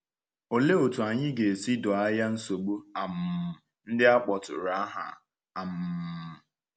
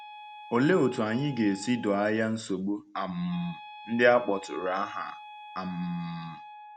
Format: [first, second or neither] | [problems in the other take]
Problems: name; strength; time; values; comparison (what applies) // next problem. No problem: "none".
first | background sound (Wind instrument, woodwind instrument); 17 dB below the speech